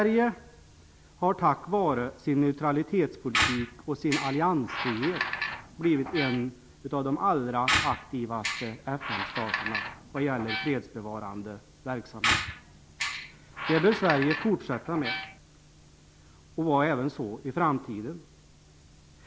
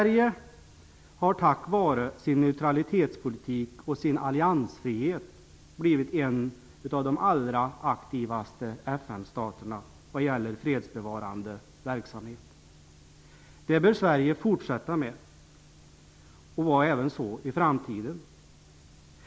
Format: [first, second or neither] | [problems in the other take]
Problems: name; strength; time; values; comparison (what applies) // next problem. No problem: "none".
second | background sound (Squeak); 3 dB below the speech